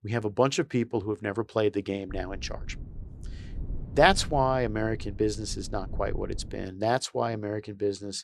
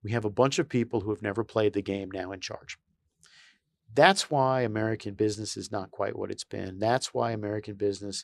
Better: second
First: low rumble; faint; from 2 to 6.5 s; 25 dB below the speech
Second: none

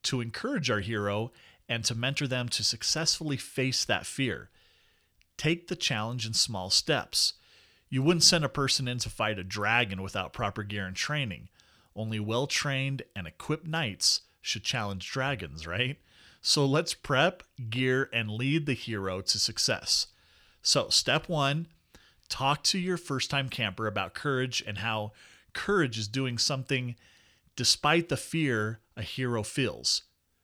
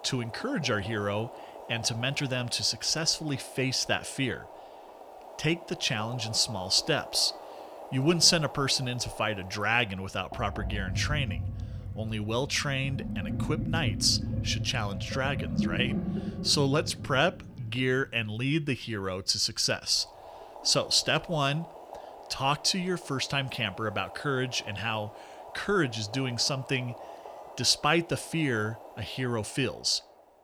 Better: first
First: none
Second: household noises; noticeable; throughout; 10 dB below the speech

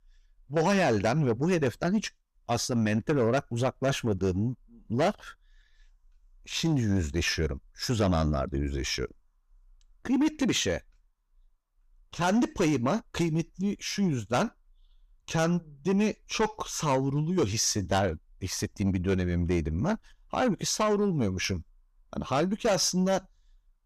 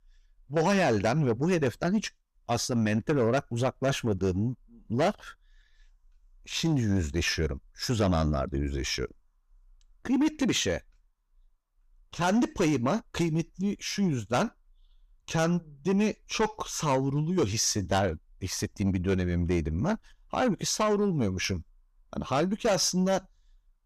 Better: neither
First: distortion; slight; 10 dB below the speech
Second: distortion; slight; 10 dB below the speech

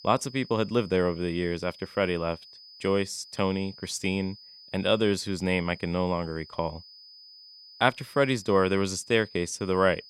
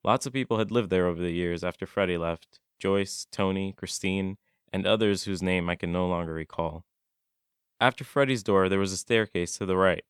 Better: second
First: high-pitched whine; noticeable; throughout; 5 kHz, 20 dB below the speech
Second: none

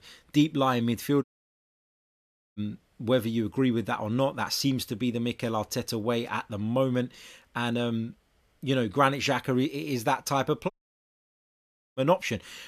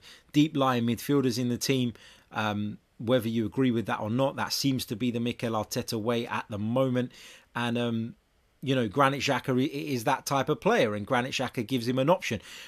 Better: second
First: audio cutting out; at 1 s for 1.5 s and at 11 s for 1.5 s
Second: none

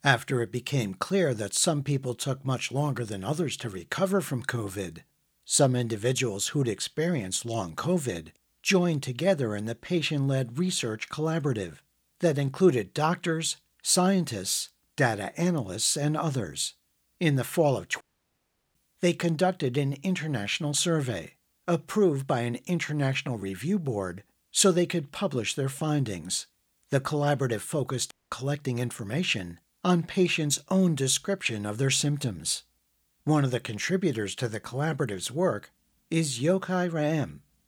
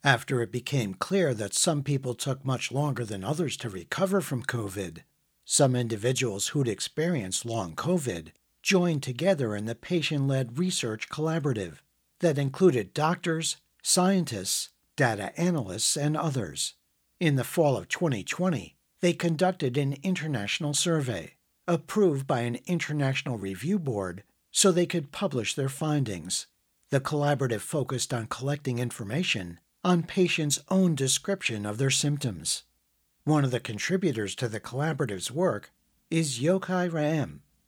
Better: second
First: audio cutting out; at 18 s for 0.5 s and at 28 s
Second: none

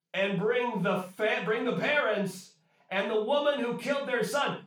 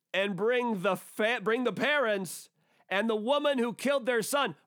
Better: second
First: room echo; noticeable; dies away in 0.3 s // off-mic speech; far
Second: none

